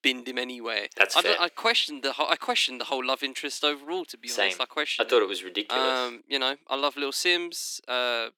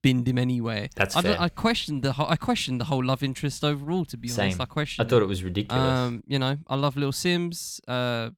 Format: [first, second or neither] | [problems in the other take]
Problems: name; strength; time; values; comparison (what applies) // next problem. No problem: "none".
second | thin; very; fading below 300 Hz